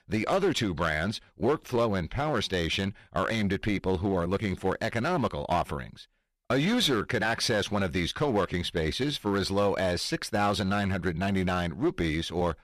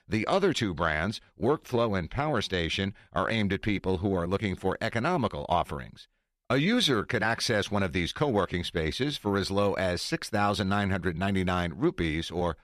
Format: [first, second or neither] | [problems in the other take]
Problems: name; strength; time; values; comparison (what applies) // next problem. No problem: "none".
second | distortion; slight; 6% of the sound clipped